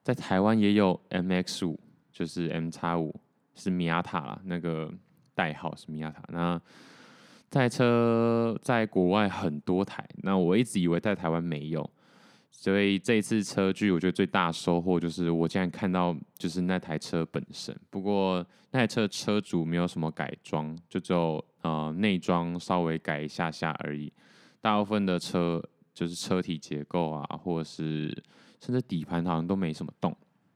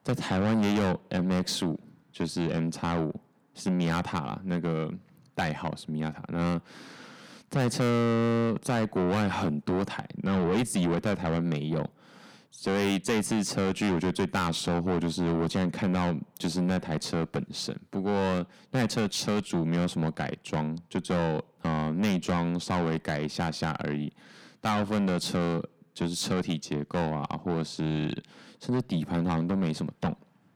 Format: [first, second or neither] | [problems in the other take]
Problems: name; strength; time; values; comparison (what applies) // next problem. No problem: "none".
first | distortion; heavy; 7 dB below the speech